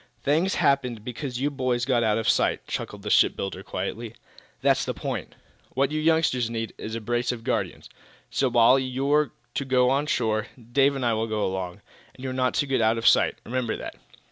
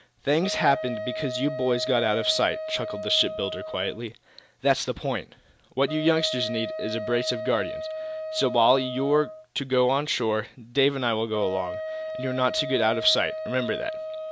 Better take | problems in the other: first | background sound (Wind instrument, woodwind instrument); 8 dB below the speech

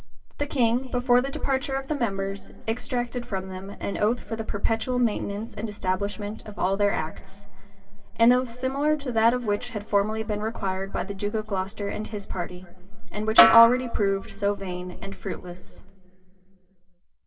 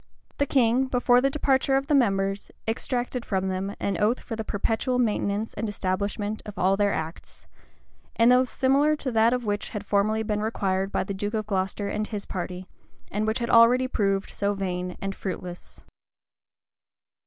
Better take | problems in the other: second | background sound (Snare drum); 1 dB below the speech // room echo; dies away in 2.5 s

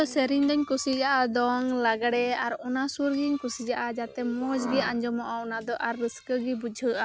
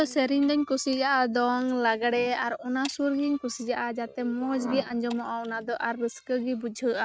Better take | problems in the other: first | noise reduction (neural mask model RNNoise)

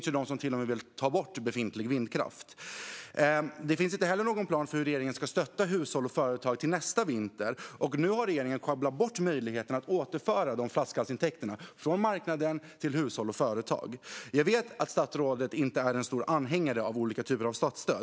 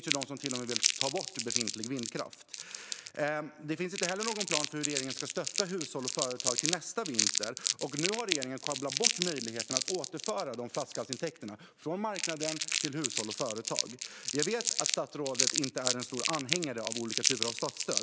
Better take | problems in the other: first | background sound (Crumpling, crinkling); 2 dB above the speech

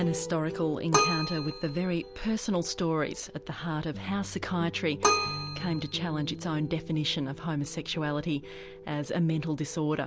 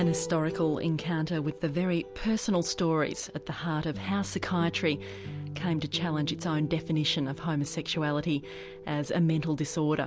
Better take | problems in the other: second | background sound (Keyboard (musical)); 5 dB below the speech

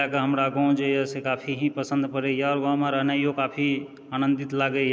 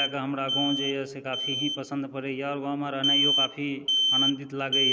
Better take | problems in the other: first | background sound (Alarm); 3 dB above the speech

